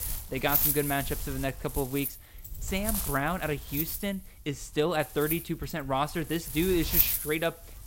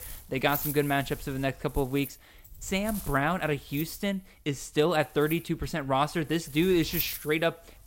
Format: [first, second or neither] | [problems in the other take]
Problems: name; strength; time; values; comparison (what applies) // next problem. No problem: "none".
second | wind noise on the microphone; heavy; 7 dB below the speech; occasional gusts in the second